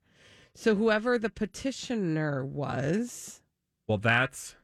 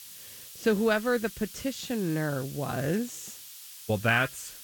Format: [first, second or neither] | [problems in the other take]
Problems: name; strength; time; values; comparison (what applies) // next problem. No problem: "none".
first | hiss; noticeable; throughout; 15 dB below the speech